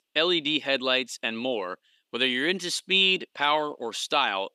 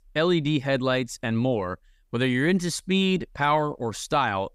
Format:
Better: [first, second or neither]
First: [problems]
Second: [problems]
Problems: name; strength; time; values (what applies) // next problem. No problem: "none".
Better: second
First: thin; somewhat; fading below 300 Hz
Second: none